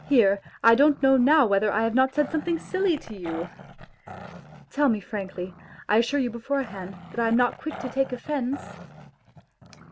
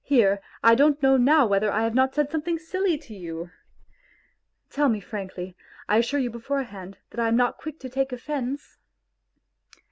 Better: second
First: background sound (Growling); 18 dB below the speech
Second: none

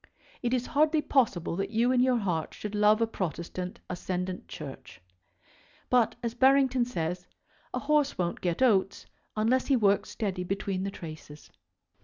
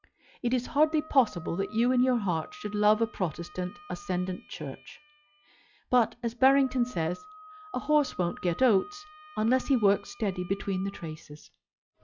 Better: first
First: none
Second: noise reduction (classical method log-MMSE)

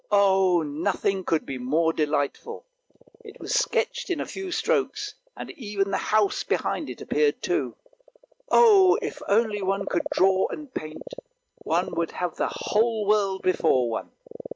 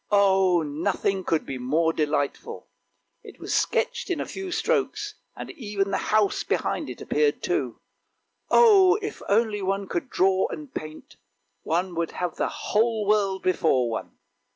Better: second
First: noise reduction (neural mask model RNNoise)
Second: none

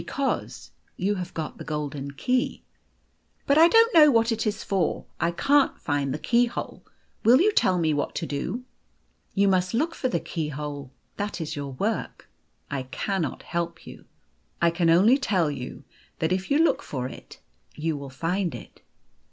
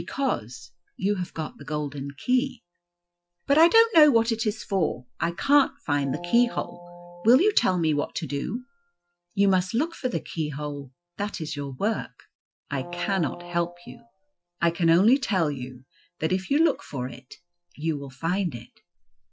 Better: first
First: none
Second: noise reduction (classical method Wiener filter)

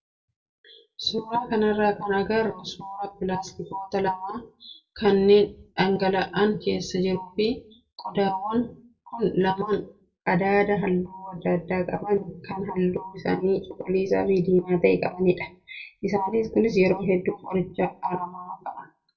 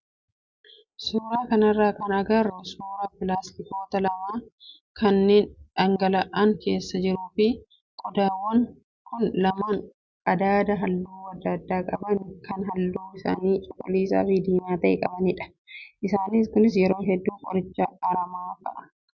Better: second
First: room echo; dies away in 0.2 s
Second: none

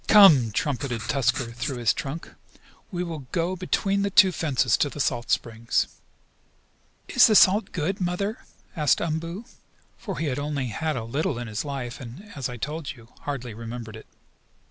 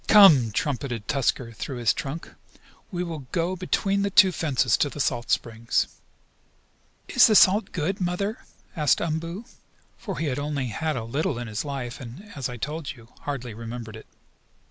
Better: second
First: background sound (Writing); 11 dB below the speech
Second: none

